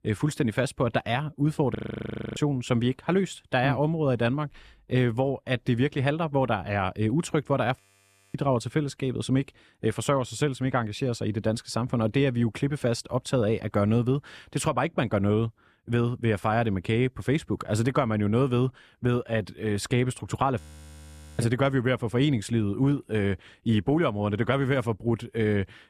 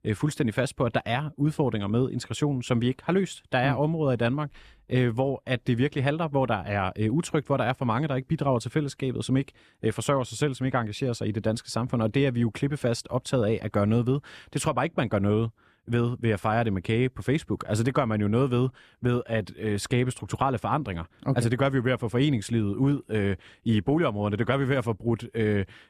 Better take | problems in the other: second | audio freezing; at 2 s for 0.5 s, at 8 s for 0.5 s and at 21 s for 1 s

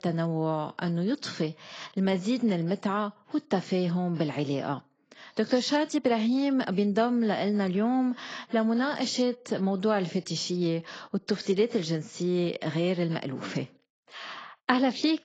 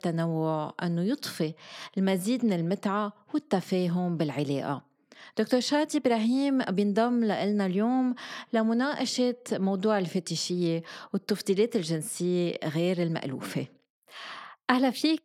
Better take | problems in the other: second | garbled, watery; badly; nothing above 7.5 kHz

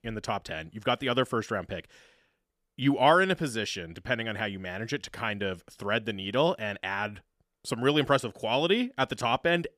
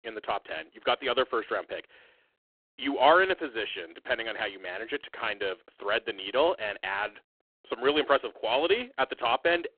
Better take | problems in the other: first | phone-call audio; poor line

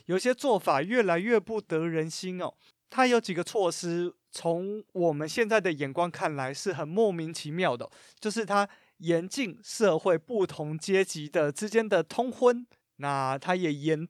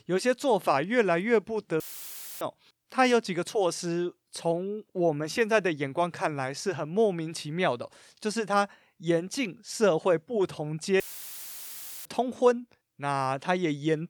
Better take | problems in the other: first | audio cutting out; filled with static; at 2 s for 0.5 s and at 11 s for 1 s

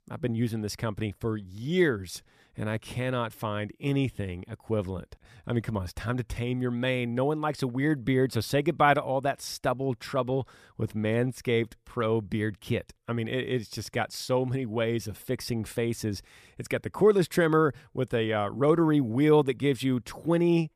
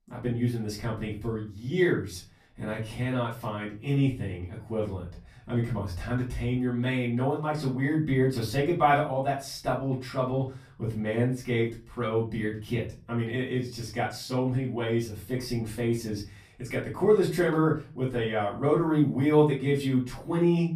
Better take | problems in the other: first | off-mic speech; far // room echo; slight; dies away in 0.3 s

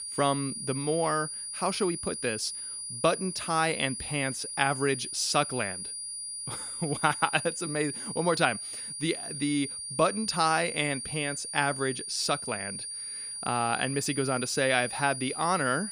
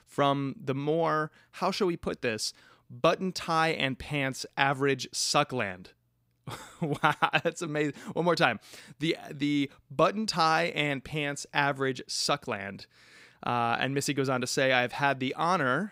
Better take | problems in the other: second | high-pitched whine; loud; throughout; 9.5 kHz, 6 dB below the speech

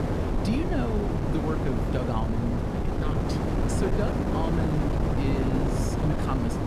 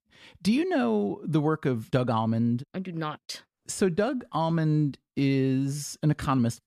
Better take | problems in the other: second | wind noise on the microphone; heavy; 3 dB above the speech

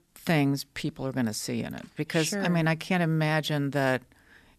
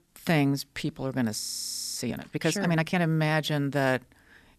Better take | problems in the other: first | audio freezing; at 1.5 s for 0.5 s

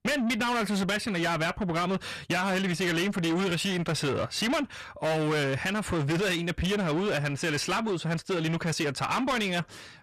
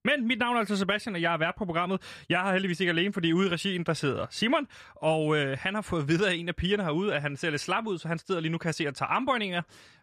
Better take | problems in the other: second | distortion; heavy; 7 dB below the speech

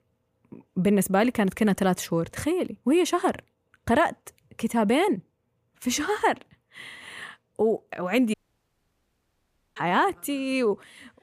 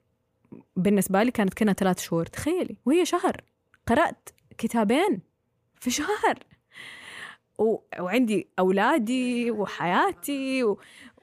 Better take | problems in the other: second | audio cutting out; at 8.5 s for 1.5 s

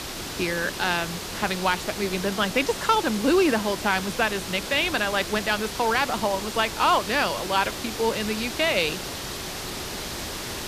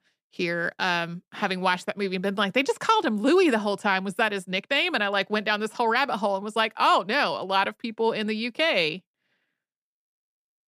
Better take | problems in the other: second | hiss; loud; throughout; 7 dB below the speech

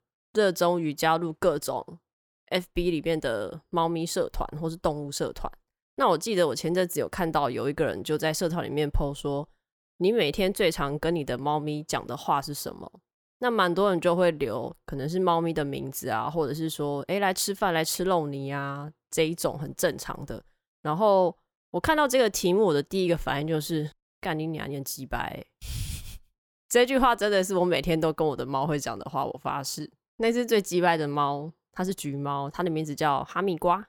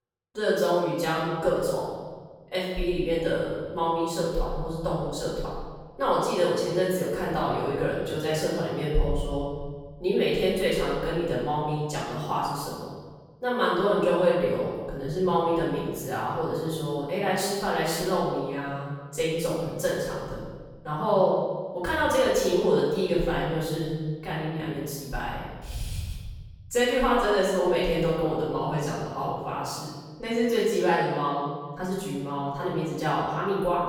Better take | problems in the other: first | off-mic speech; far // room echo; strong; dies away in 1.3 s

